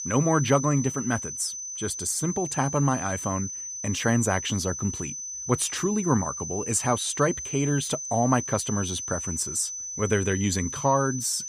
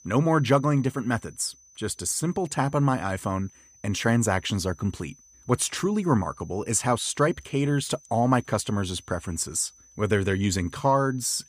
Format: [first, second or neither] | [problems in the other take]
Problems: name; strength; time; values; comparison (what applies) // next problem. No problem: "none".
second | high-pitched whine; loud; throughout; 6 kHz, 6 dB below the speech; faint in the second